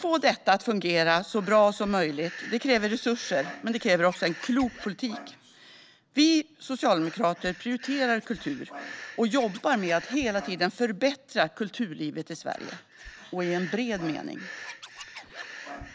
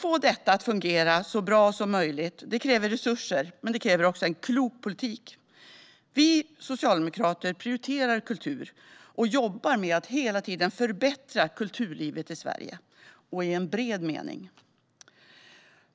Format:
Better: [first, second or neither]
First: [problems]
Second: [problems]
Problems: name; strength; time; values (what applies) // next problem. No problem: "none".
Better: second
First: background sound (Scratching (performance technique) + Breathing); 17 dB below the speech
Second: none